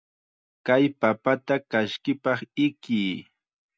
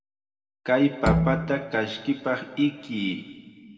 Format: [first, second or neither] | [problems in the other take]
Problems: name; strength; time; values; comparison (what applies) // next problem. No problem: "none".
first | background sound (Bowed string instrument); as loud as the speech // room echo; dies away in 1.7 s